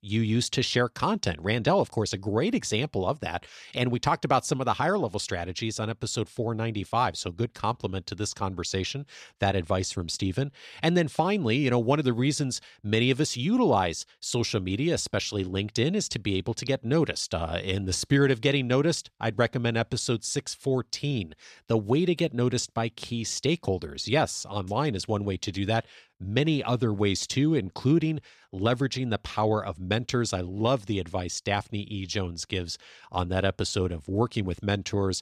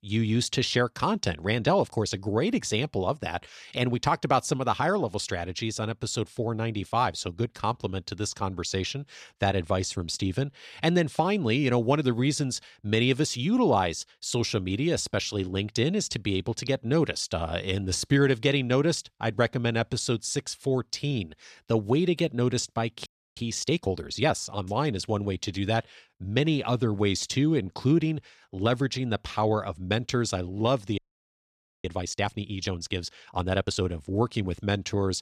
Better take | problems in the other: first | audio freezing; at 23 s and at 31 s for 1 s

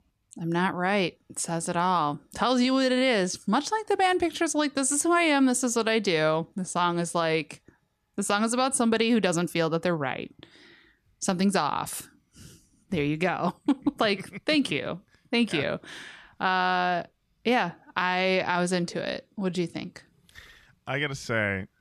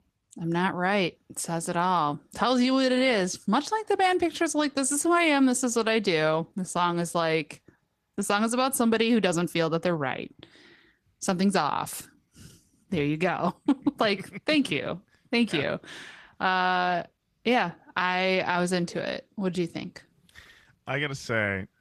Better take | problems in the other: first | garbled, watery; slightly; nothing above 11.5 kHz

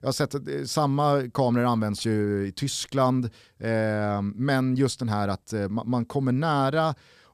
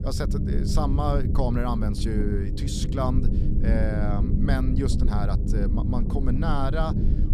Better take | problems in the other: first | low rumble; loud; throughout; 6 dB below the speech

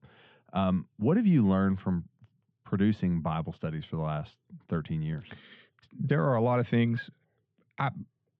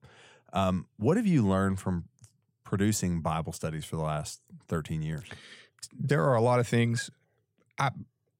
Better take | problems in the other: second | muffled; very; fading above 3.5 kHz

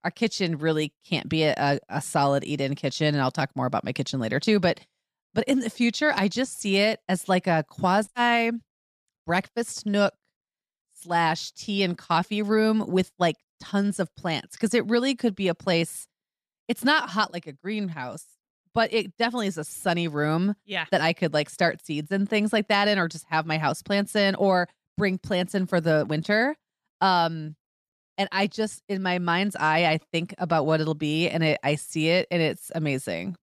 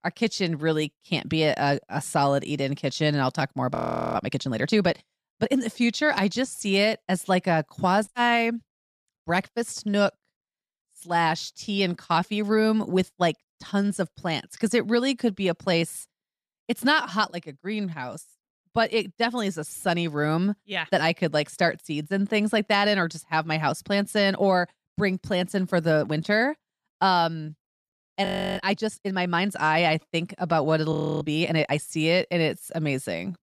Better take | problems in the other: first | audio freezing; at 4 s, at 28 s and at 31 s

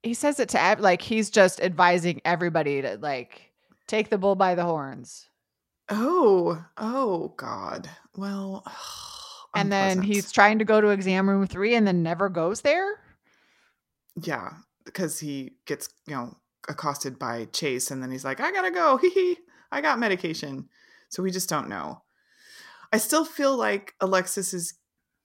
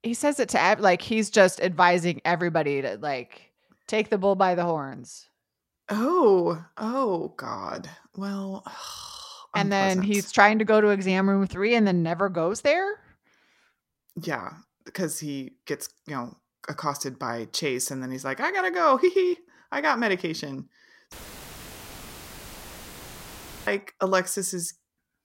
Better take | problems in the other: first | audio cutting out; filled with static; at 21 s for 2.5 s

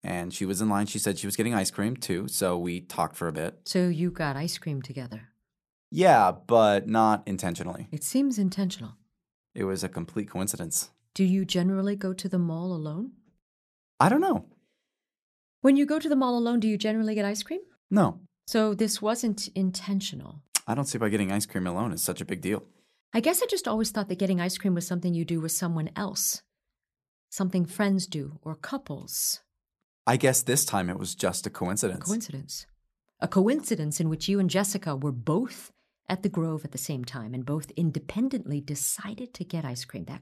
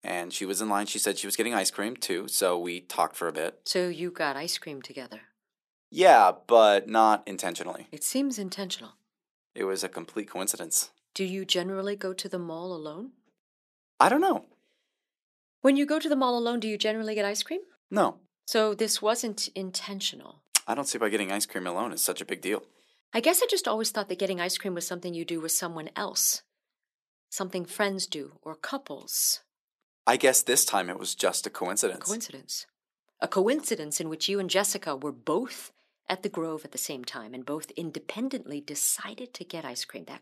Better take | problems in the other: first | thin; somewhat; fading below 300 Hz

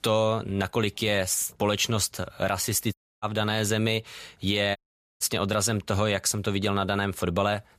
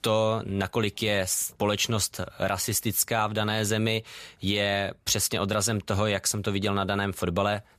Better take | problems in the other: second | audio cutting out; at 3 s and at 5 s

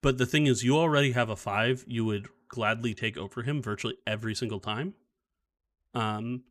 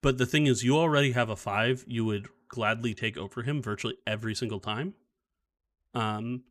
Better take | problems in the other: neither | none

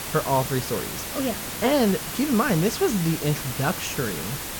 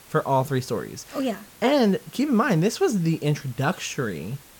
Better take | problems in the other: second | hiss; loud; throughout; 5 dB below the speech; faint in the second

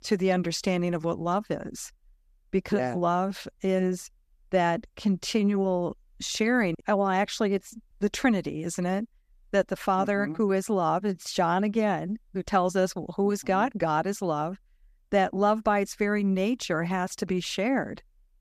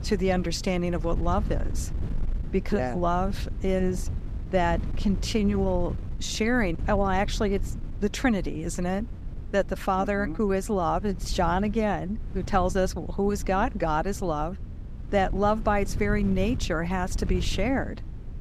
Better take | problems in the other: first | wind noise on the microphone; occasional gusts; 20 dB below the speech

